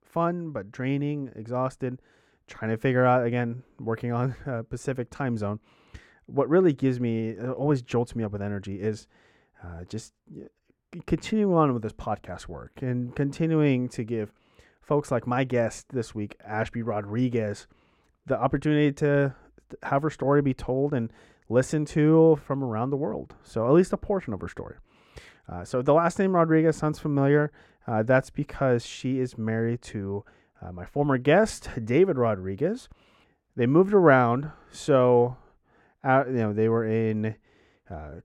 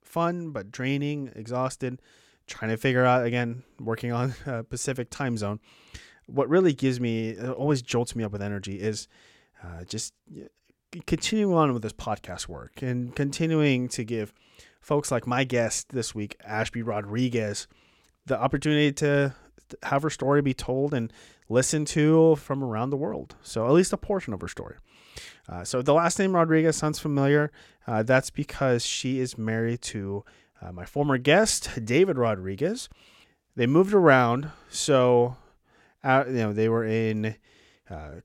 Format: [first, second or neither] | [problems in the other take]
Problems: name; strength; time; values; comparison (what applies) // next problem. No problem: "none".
second | muffled; slightly; fading above 2.5 kHz